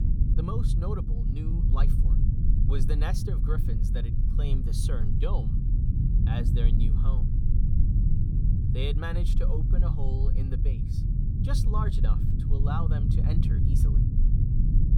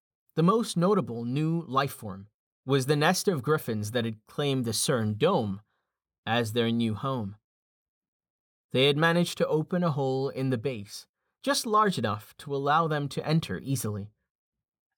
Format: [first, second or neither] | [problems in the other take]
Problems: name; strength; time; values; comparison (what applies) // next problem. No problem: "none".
second | low rumble; loud; throughout; 1 dB below the speech